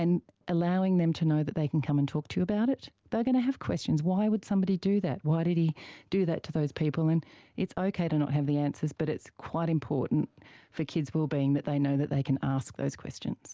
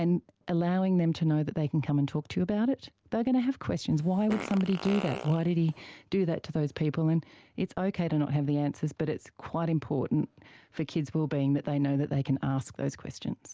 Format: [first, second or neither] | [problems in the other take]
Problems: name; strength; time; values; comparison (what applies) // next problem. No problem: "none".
first | background sound (Fart); 11 dB below the speech